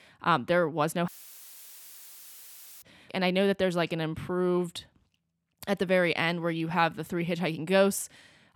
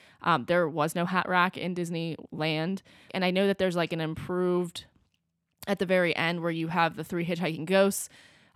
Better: second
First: audio cutting out; filled with static; at 1 s for 1.5 s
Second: none

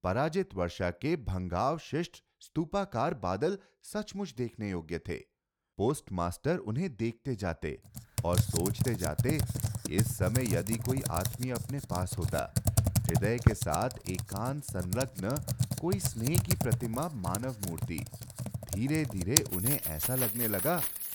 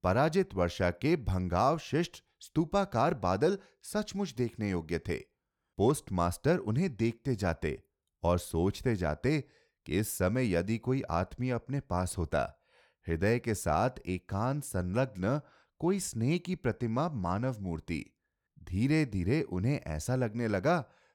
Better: second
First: household noises; very loud; from 8 s on; 2 dB above the speech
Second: none

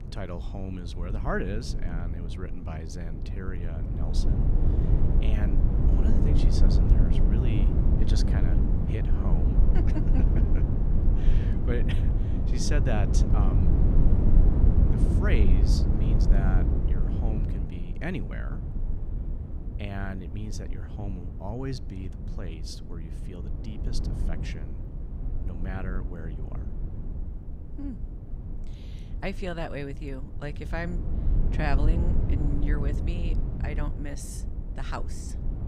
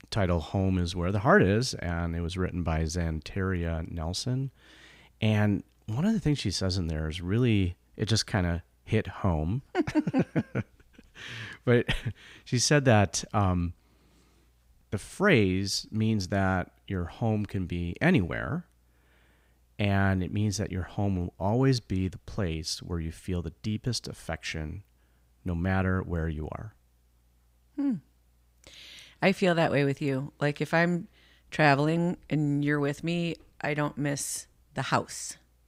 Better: second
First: low rumble; loud; throughout; 1 dB below the speech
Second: none

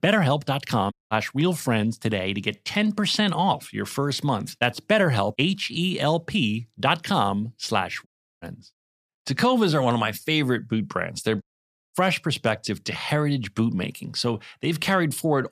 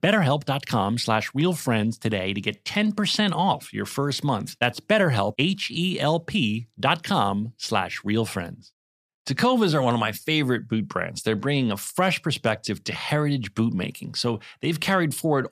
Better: second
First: audio cutting out; at 1 s, at 8 s and at 11 s for 0.5 s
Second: none

